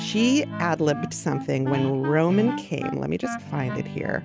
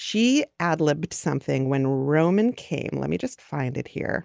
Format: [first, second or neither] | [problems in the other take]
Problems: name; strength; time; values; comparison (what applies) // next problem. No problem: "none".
second | background sound (Wind instrument, woodwind instrument + Guitar); 8 dB below the speech